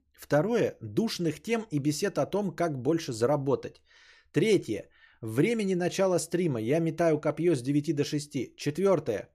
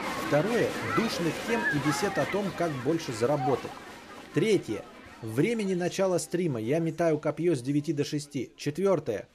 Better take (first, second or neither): first